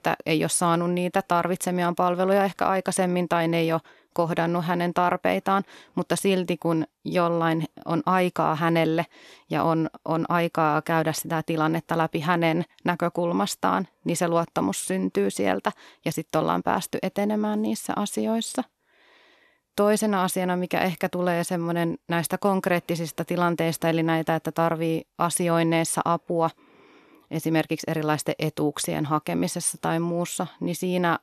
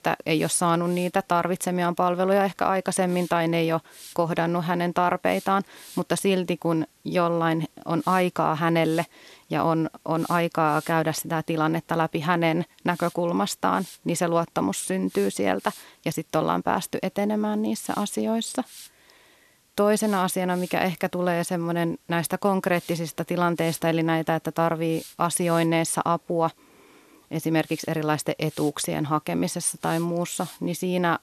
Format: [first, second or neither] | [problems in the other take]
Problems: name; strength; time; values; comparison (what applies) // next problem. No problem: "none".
first | hiss; faint; throughout; 20 dB below the speech